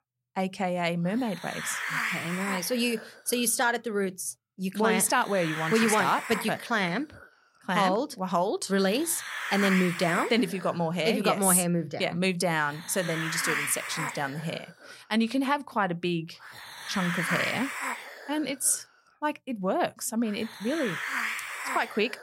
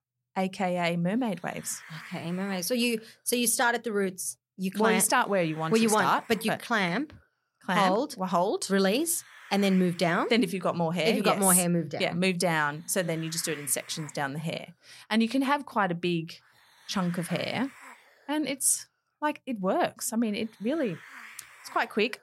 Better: second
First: hiss; loud; throughout; 5 dB below the speech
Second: hiss; faint; throughout; 20 dB below the speech

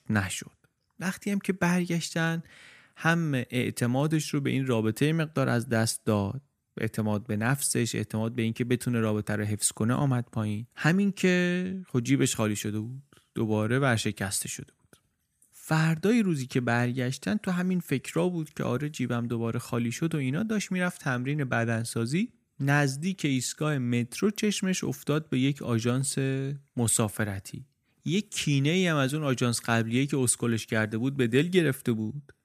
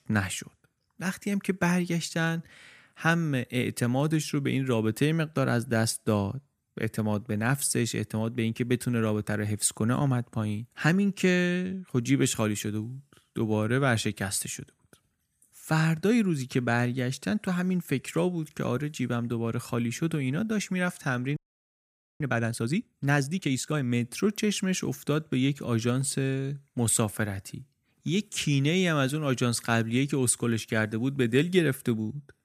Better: first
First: none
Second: audio freezing; at 21 s for 1 s

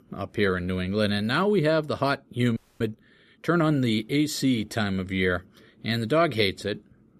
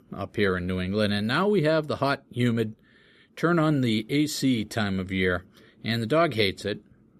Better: second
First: audio freezing; at 2.5 s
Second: none

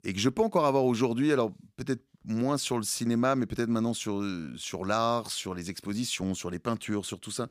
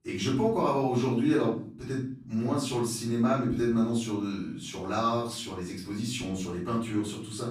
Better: first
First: none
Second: off-mic speech; far // room echo; noticeable; dies away in 0.6 s

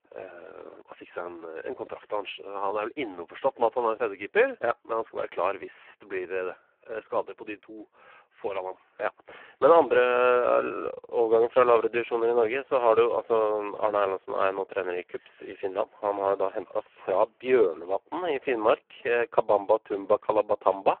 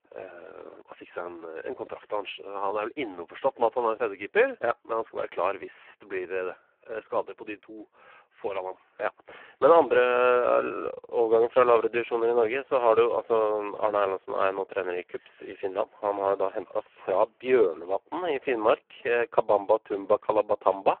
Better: neither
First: phone-call audio; poor line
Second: phone-call audio; poor line

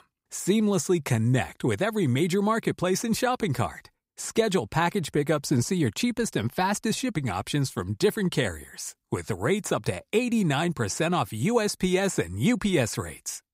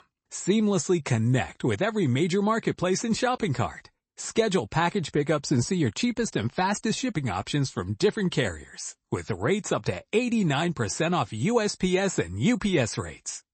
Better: first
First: none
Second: garbled, watery; slightly; nothing above 8 kHz

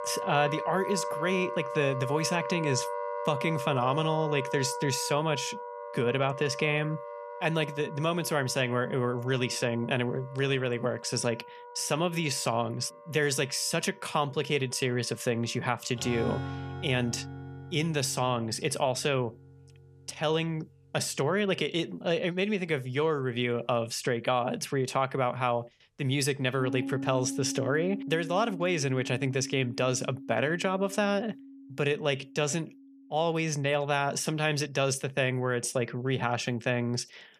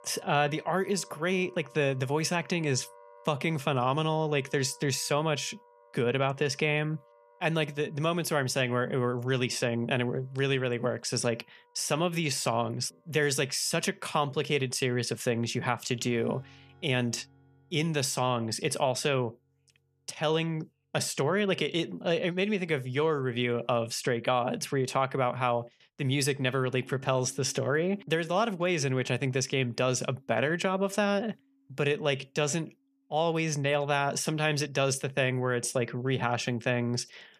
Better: second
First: background music; loud; throughout; 9 dB below the speech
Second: background music; faint; throughout; 30 dB below the speech

